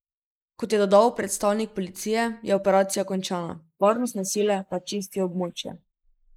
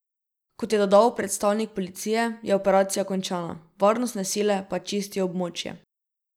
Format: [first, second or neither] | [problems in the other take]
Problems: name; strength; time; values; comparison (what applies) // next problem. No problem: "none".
second | noise reduction (neural mask model Resemble Enhance denoiser)